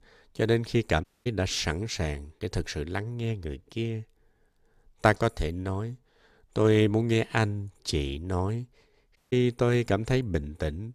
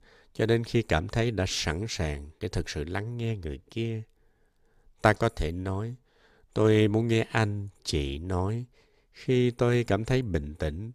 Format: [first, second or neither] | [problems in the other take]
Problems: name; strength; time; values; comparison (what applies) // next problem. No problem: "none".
second | audio cutting out; at 1 s and at 9 s